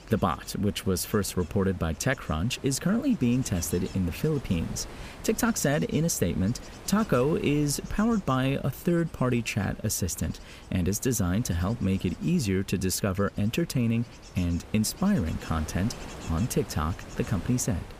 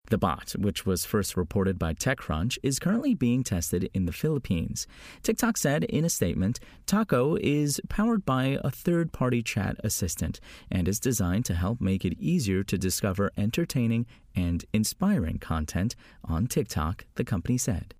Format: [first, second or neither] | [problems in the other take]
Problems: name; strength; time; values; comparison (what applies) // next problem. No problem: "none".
second | wind noise on the microphone; occasional gusts; 15 dB below the speech